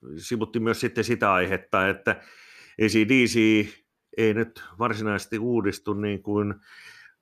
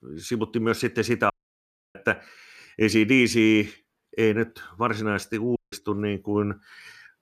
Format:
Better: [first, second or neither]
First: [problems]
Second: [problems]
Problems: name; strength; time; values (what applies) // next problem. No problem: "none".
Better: first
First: none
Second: audio cutting out; at 1.5 s for 0.5 s and at 5.5 s